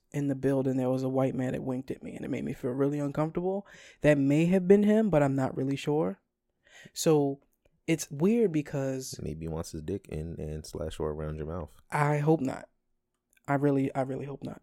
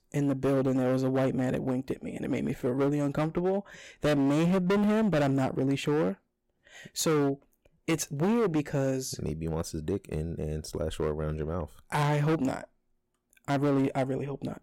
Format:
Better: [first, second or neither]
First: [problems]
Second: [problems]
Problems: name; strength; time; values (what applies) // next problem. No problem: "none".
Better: first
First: none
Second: distortion; heavy; 13% of the sound clipped